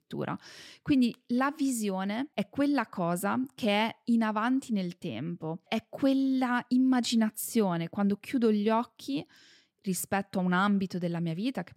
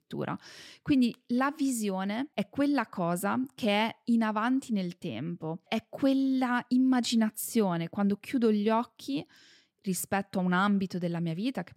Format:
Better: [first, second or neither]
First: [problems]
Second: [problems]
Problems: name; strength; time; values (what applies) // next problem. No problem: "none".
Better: neither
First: none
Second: none